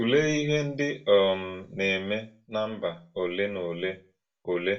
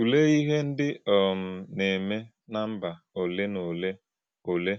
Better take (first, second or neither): second